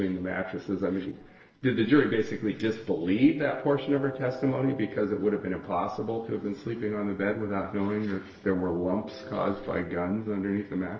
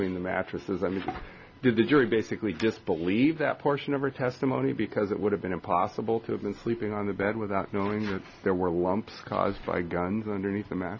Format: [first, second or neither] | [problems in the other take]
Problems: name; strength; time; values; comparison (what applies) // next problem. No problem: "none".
second | noise reduction (neural separator model SepFormer DNS4)